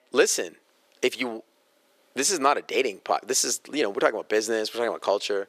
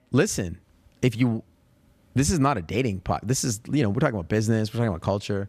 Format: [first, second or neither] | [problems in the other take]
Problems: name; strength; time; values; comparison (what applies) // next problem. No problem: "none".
second | thin; very; fading below 400 Hz